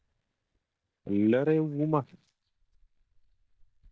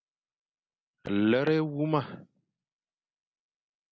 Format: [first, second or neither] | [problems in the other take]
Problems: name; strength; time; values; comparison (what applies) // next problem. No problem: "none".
second | noise reduction (neural mask model DeepFilterNet 3)